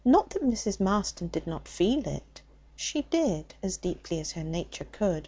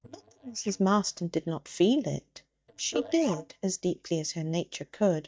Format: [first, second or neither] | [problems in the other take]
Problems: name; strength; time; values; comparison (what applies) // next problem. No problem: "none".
first | noise reduction (neural mask model DeepFilterNet 3)